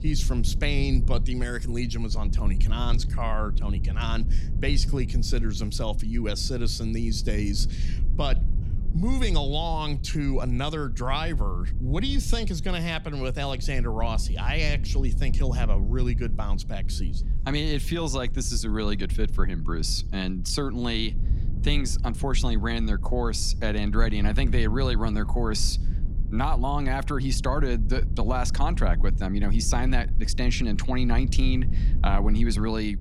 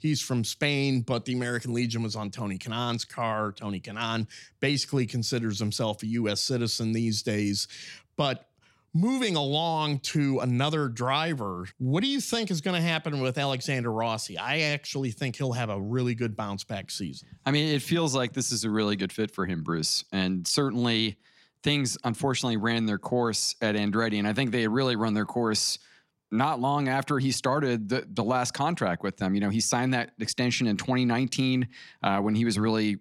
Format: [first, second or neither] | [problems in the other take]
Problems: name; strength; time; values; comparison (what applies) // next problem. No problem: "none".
second | low rumble; noticeable; throughout; 15 dB below the speech